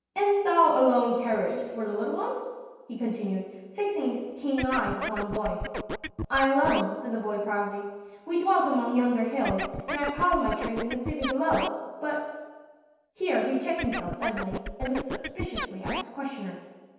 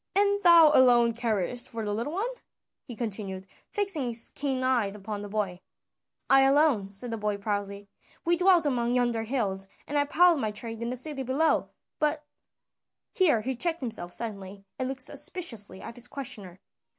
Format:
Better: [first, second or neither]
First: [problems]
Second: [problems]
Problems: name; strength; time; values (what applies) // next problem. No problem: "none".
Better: second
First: background sound (Scratching (performance technique)); 6 dB below the speech // room echo; dies away in 1.2 s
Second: none